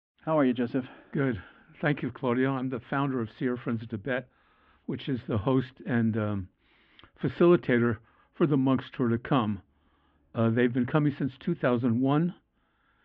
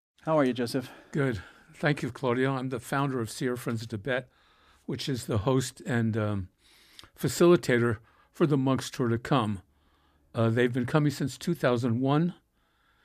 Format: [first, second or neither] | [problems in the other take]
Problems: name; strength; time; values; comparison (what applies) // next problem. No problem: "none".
second | muffled; very; fading above 3 kHz